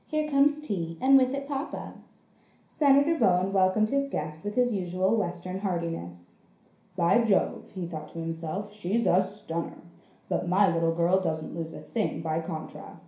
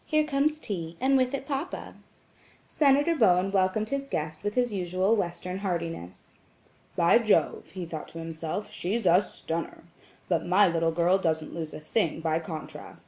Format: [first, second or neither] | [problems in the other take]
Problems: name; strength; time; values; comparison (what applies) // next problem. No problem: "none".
second | room echo; dies away in 0.5 s